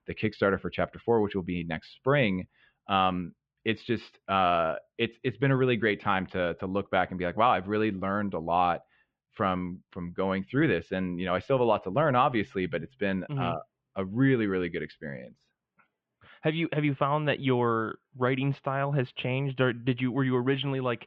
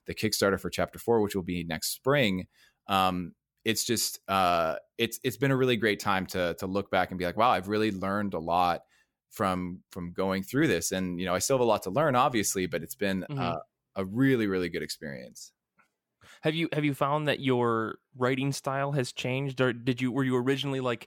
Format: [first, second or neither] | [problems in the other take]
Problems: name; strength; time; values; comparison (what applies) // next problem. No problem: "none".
second | muffled; very; fading above 3 kHz